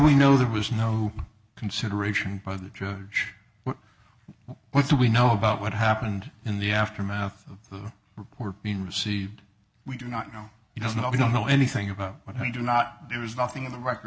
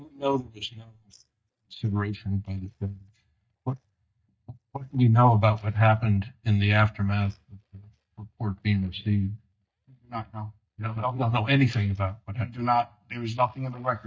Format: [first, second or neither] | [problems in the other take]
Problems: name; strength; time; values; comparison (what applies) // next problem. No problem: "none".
first | noise reduction (neural mask model DeepFilterNet 3)